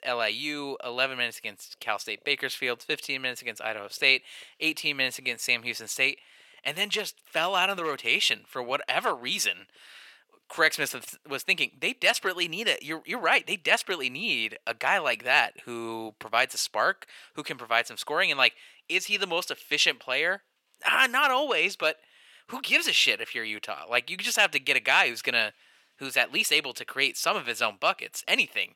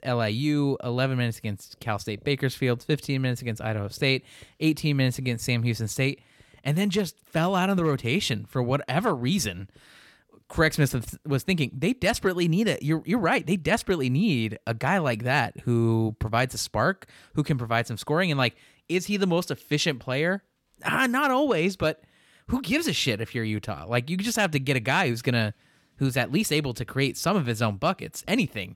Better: second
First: thin; very; fading below 600 Hz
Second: none

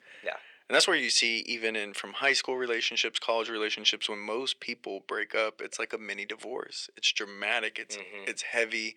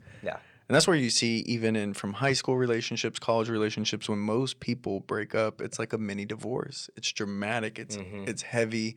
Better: second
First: thin; very; fading below 350 Hz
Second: none

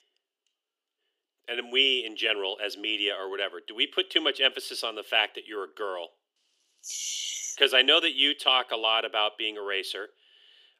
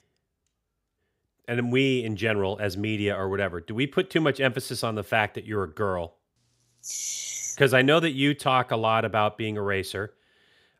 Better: second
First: thin; somewhat; fading below 300 Hz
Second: none

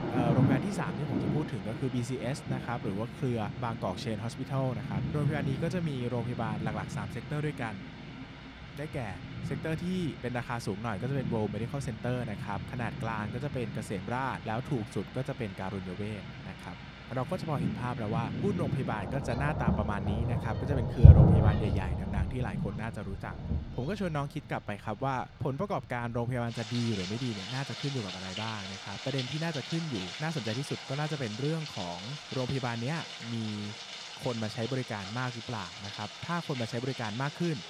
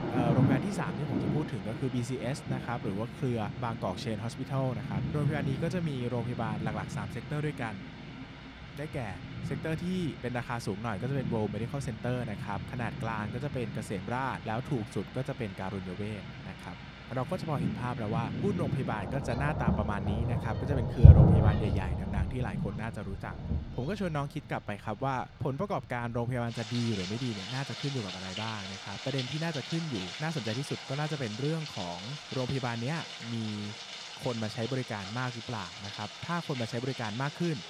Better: neither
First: rain or running water; very loud; throughout; 2 dB above the speech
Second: rain or running water; very loud; throughout; 2 dB above the speech

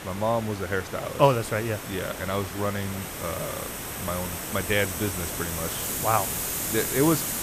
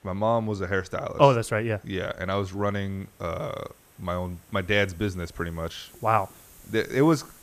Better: second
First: hiss; loud; throughout; 3 dB below the speech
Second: hiss; faint; throughout; 25 dB below the speech

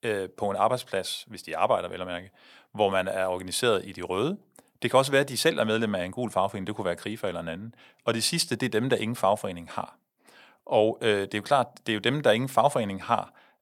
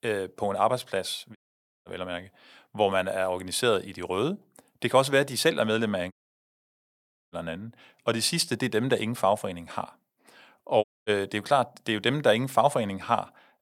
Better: first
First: none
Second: audio cutting out; at 1.5 s, at 6 s for 1 s and at 11 s

